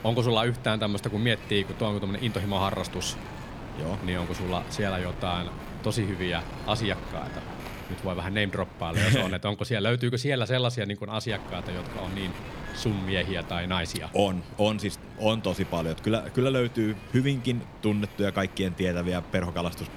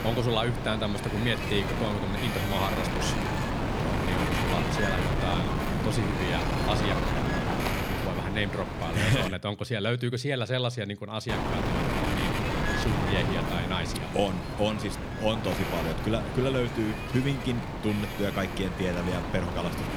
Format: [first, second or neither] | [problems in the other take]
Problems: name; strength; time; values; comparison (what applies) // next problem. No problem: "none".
first | wind noise on the microphone; heavy; until 9.5 s and from 11 s on; as loud as the speech; occasional gusts in the first